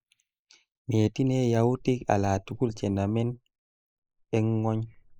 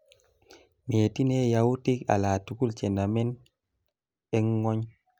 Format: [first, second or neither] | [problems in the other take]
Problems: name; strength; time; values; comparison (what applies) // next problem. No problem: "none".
second | noise reduction (neural mask model Resemble Enhance denoiser)